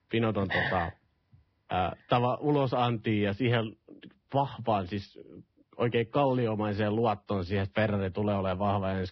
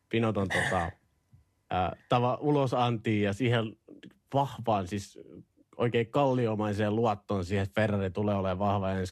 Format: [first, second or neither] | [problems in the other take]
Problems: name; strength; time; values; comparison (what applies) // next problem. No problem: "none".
second | garbled, watery; badly; nothing above 5.5 kHz; slightly in the second